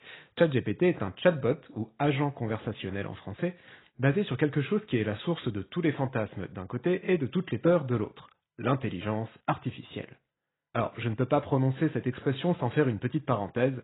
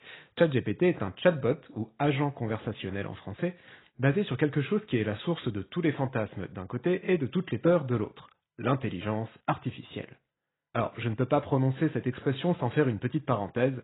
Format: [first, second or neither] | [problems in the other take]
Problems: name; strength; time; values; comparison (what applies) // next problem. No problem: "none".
neither | garbled, watery; badly; nothing above 4 kHz; the same in both